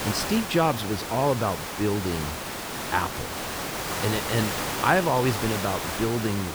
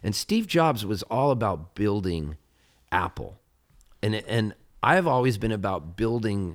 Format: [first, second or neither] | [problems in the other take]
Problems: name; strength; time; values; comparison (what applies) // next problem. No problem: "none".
second | hiss; loud; throughout; 4 dB below the speech